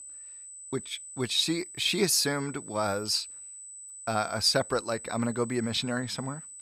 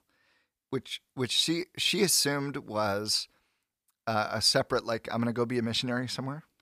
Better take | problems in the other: second | high-pitched whine; noticeable; throughout; 8 kHz, 15 dB below the speech

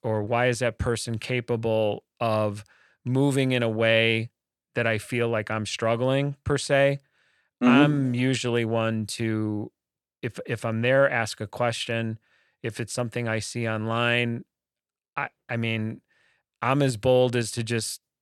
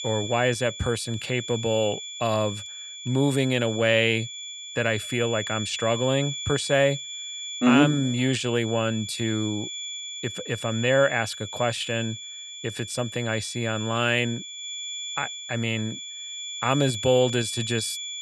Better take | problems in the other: first | high-pitched whine; loud; throughout; 3.5 kHz, 8 dB below the speech

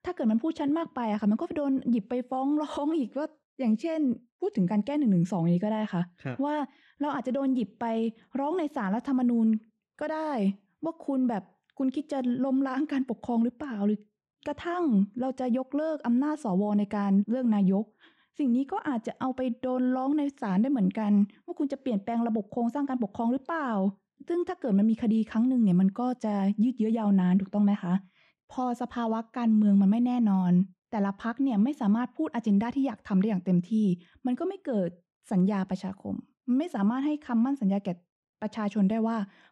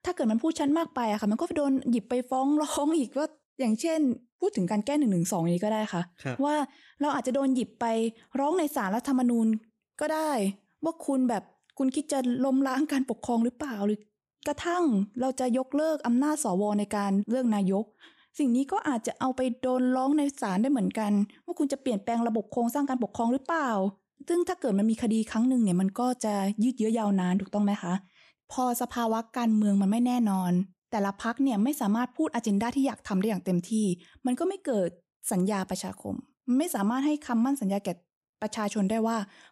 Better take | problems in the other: second | muffled; slightly; fading above 3.5 kHz

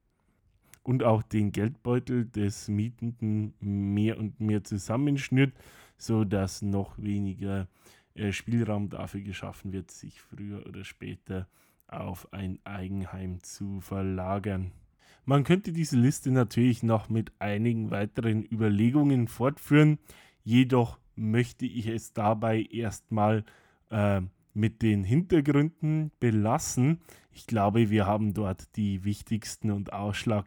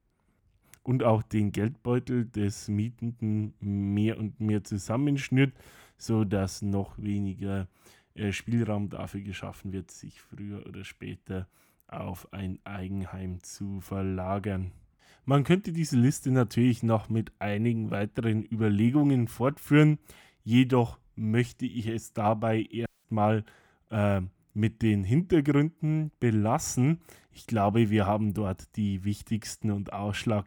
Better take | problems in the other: first | audio cutting out; at 23 s

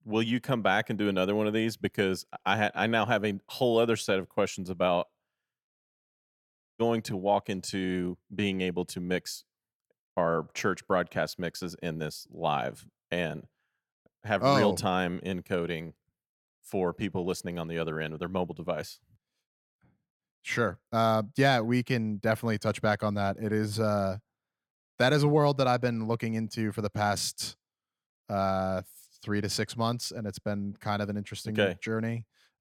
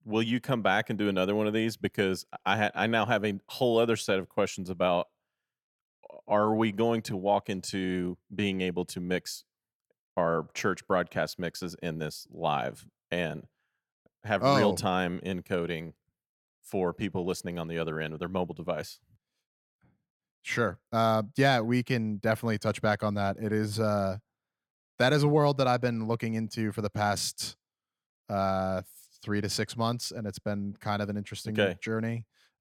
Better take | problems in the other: second | audio cutting out; at 6 s for 1 s

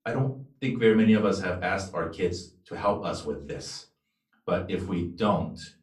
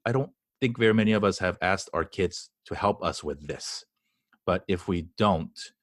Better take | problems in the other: second | off-mic speech; far // room echo; very slight; dies away in 0.3 s

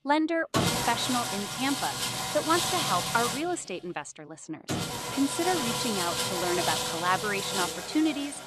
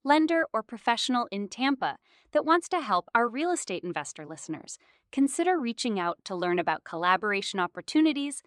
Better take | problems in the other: second | machinery noise; very loud; throughout; as loud as the speech

